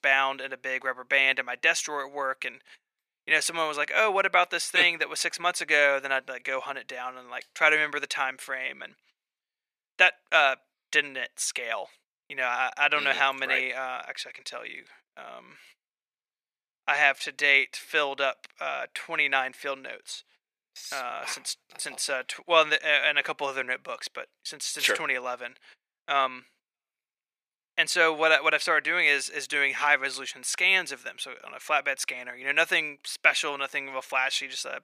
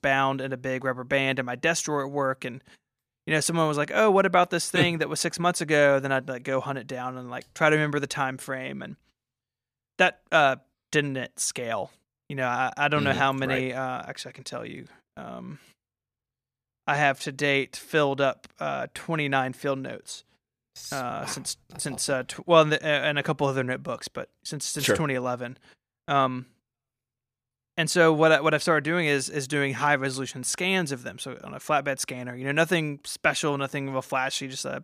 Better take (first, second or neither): second